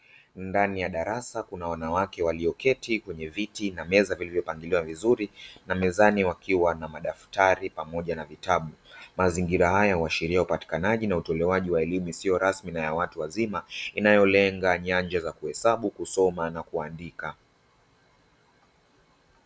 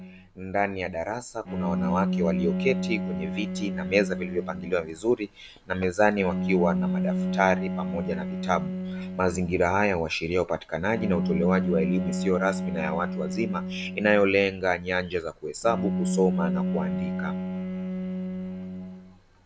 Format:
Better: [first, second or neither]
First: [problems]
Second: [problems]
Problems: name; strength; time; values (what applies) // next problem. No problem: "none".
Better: first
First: none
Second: background sound (Bowed string instrument); 2 dB below the speech